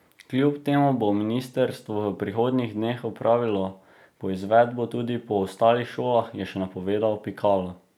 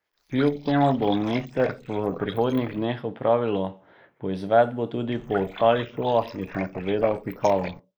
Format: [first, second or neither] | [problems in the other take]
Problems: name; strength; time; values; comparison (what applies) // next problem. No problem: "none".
first | noise reduction (neural mask model Resemble Enhance denoiser)